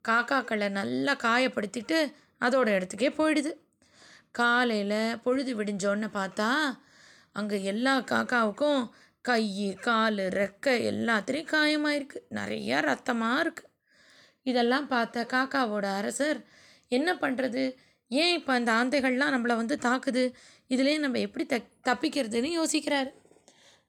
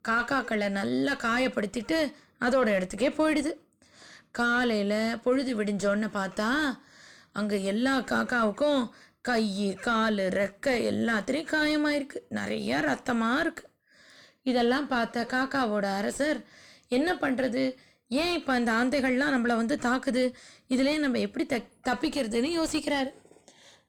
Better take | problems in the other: first | distortion; slight; 10 dB below the speech

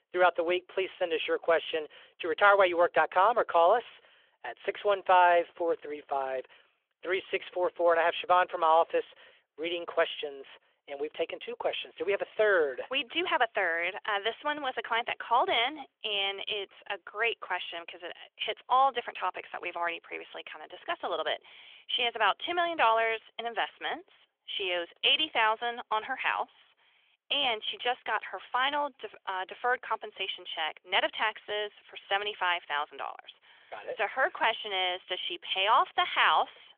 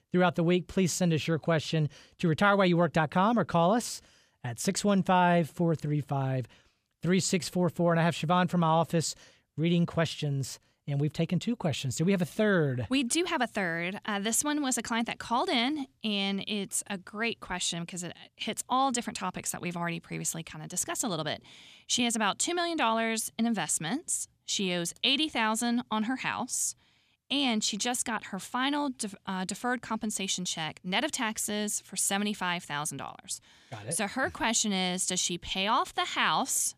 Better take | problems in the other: second | phone-call audio; nothing above 3.5 kHz

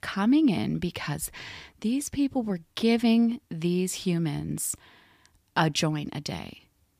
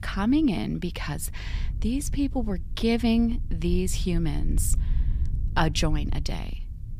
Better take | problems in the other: first | low rumble; noticeable; throughout; 20 dB below the speech

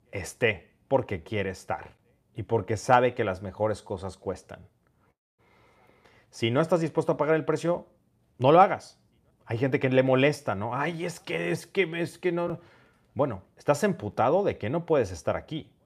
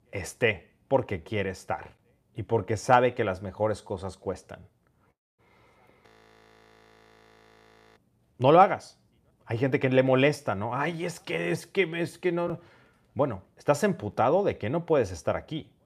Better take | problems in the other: first | audio freezing; at 6 s for 2 s

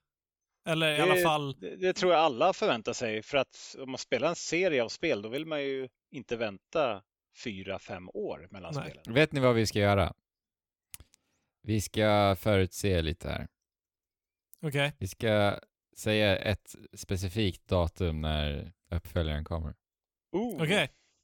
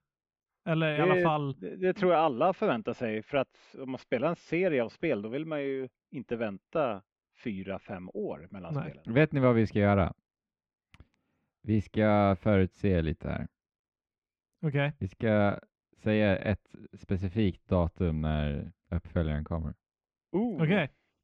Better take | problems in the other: first | muffled; very; fading above 2 kHz

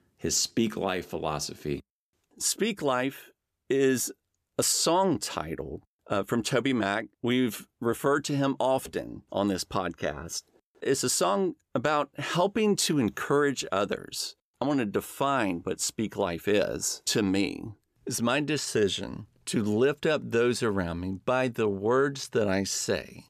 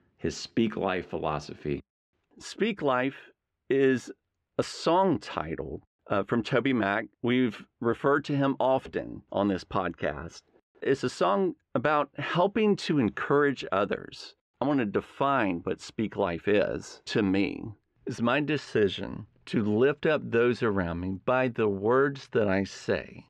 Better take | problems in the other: first | muffled; slightly; fading above 2.5 kHz

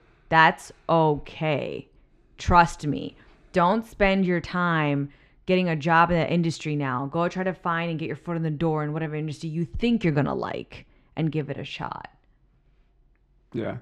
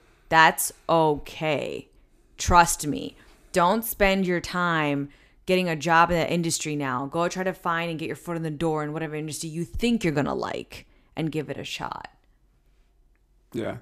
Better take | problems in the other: second | muffled; slightly; fading above 3.5 kHz

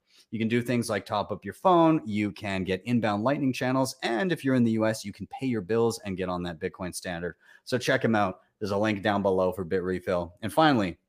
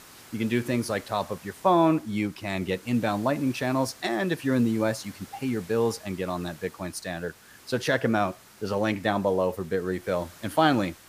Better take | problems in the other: first | hiss; faint; throughout; 20 dB below the speech

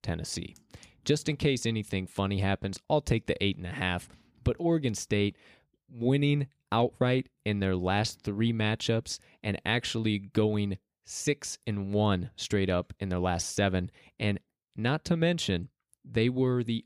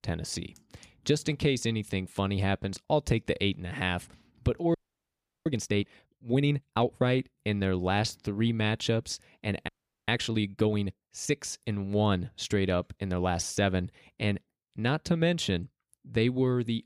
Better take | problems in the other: first | audio freezing; at 4.5 s for 0.5 s and at 9.5 s

